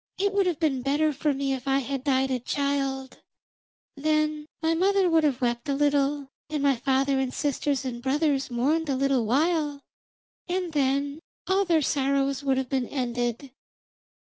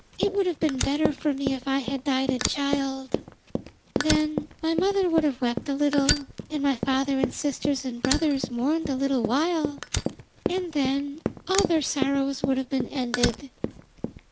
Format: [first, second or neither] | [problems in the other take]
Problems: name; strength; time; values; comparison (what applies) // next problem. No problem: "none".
first | background sound (Run + Fire); 5 dB below the speech